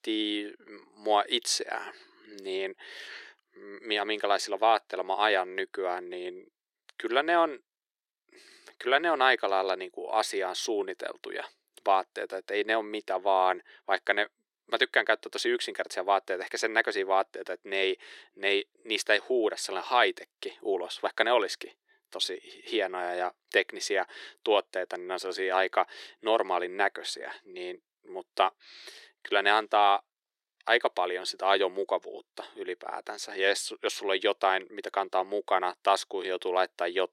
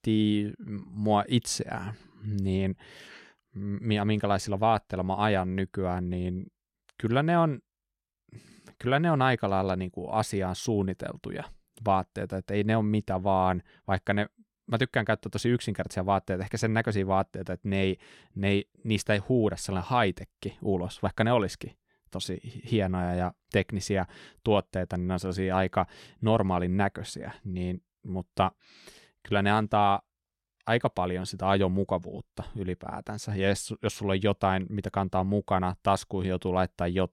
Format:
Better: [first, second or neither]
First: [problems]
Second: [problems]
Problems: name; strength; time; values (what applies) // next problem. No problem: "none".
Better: second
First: thin; very; fading below 350 Hz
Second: none